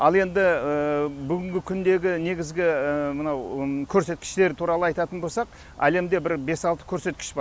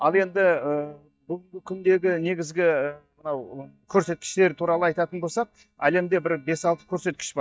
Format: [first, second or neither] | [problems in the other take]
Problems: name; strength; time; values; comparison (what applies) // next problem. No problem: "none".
first | noise reduction (neural mask model DeepFilterNet 3)